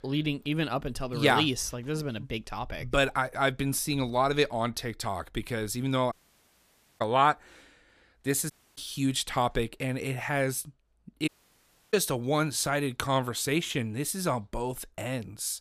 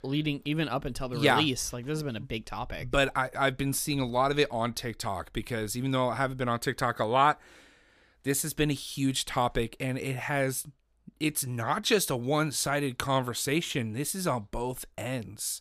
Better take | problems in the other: second | audio cutting out; at 6 s for 1 s, at 8.5 s and at 11 s for 0.5 s

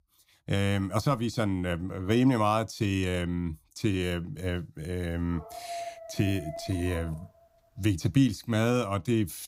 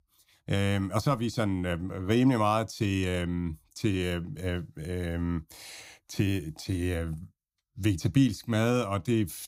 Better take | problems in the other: second | dog barking; noticeable; from 5.5 to 7 s; peak 9 dB below the speech

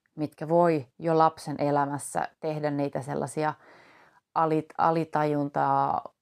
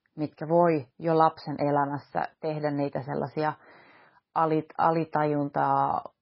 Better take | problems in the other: first | garbled, watery; badly; nothing above 5.5 kHz

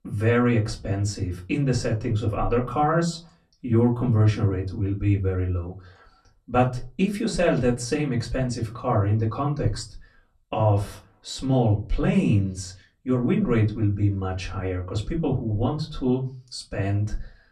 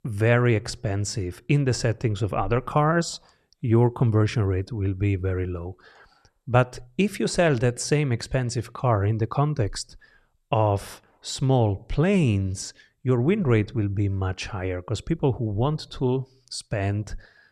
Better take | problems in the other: second | off-mic speech; far // room echo; very slight; dies away in 0.2 s

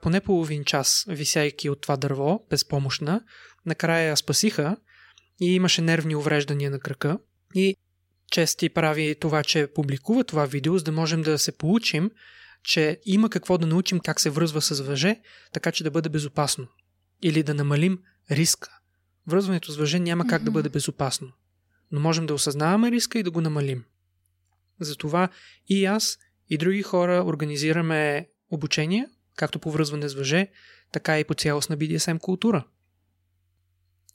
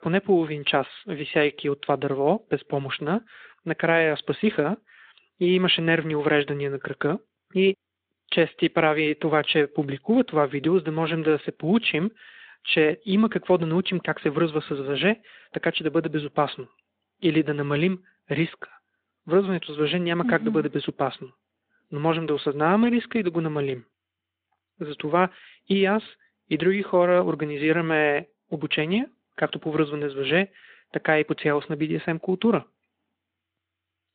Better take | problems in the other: first | phone-call audio; nothing above 3.5 kHz

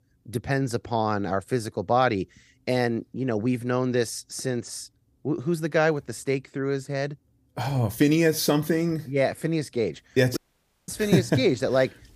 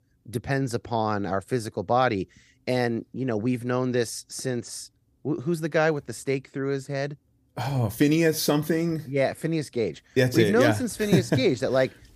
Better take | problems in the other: second | audio cutting out; at 10 s for 0.5 s

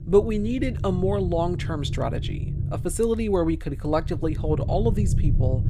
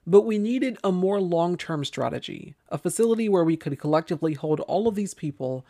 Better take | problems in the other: second | low rumble; noticeable; throughout; 15 dB below the speech

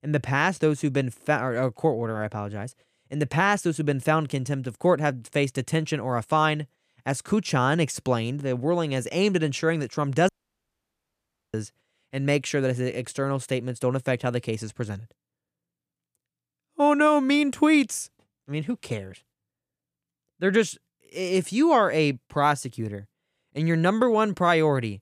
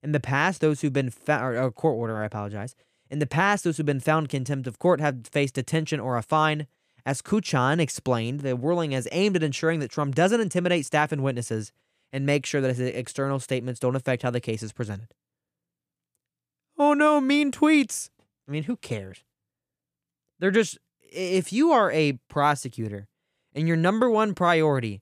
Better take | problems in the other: second | audio cutting out; at 10 s for 1.5 s

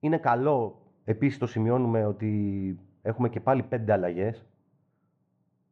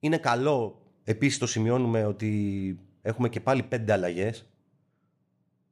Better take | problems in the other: second | muffled; very; fading above 4 kHz

